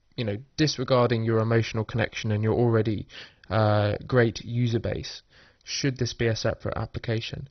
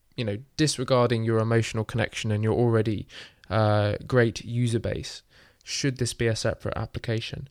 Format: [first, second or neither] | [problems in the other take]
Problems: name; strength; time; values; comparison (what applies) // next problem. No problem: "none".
second | garbled, watery; badly; nothing above 6 kHz